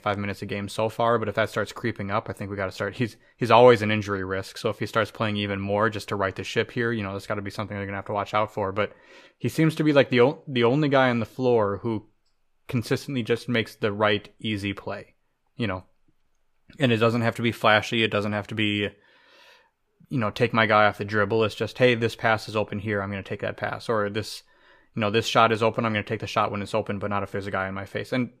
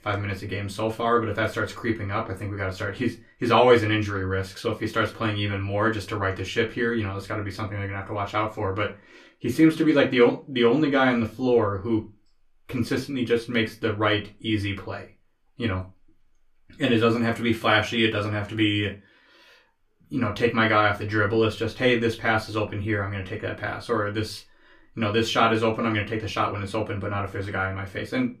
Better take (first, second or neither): first